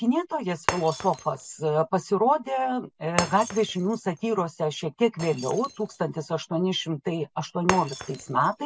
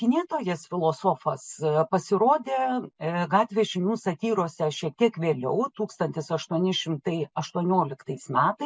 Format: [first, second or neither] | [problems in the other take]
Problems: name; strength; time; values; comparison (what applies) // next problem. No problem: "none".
second | background sound (Shatter); 11 dB below the speech